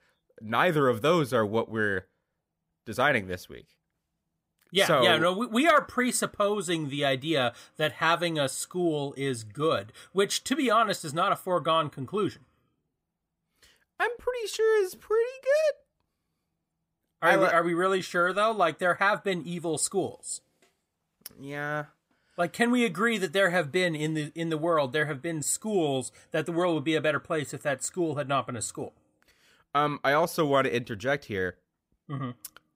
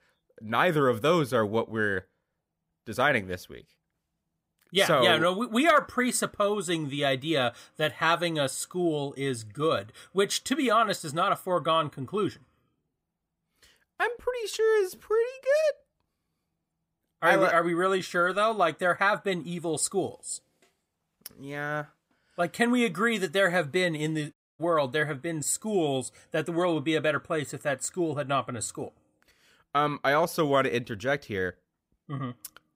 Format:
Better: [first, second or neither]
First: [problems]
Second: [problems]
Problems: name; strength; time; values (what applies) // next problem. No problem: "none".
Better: first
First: none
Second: audio cutting out; at 24 s